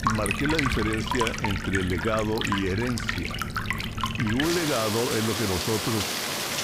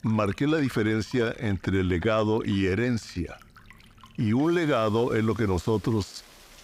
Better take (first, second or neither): second